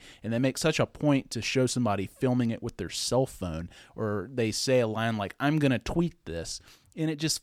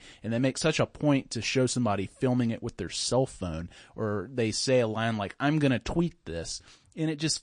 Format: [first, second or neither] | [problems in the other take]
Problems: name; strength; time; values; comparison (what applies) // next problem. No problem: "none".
first | garbled, watery; slightly; nothing above 9.5 kHz